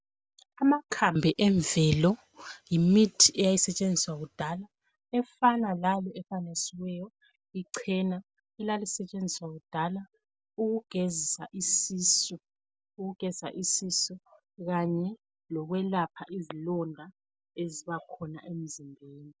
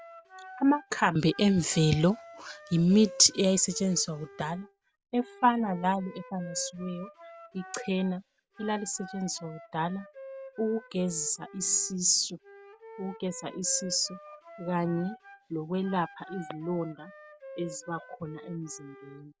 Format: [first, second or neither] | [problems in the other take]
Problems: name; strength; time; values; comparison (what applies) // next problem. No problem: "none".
first | background sound (Wind instrument, woodwind instrument); 18 dB below the speech